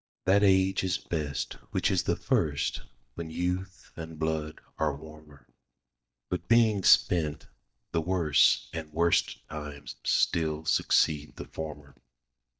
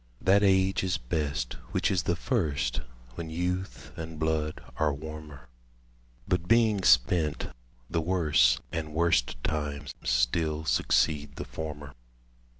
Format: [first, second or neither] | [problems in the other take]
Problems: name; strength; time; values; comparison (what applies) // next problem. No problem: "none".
second | noise reduction (neural mask model DeepFilterNet 3)